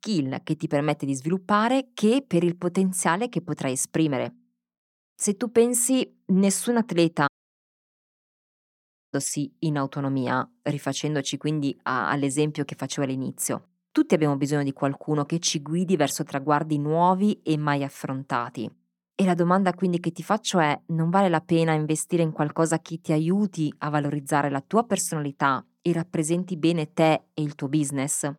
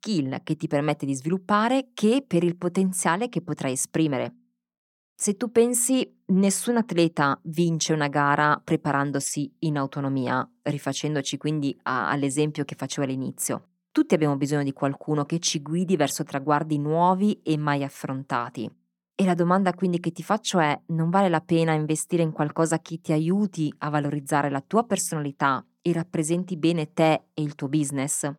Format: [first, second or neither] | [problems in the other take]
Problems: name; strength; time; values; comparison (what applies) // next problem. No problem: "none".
second | audio cutting out; at 7.5 s for 2 s